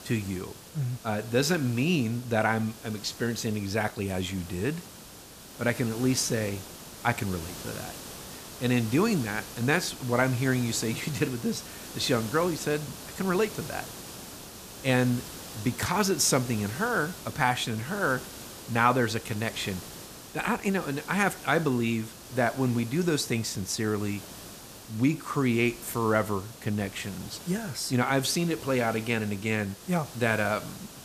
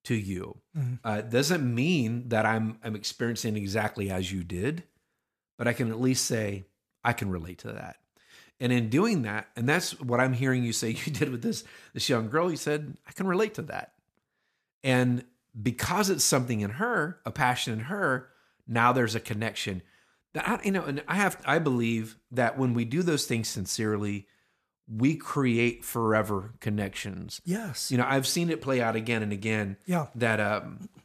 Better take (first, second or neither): second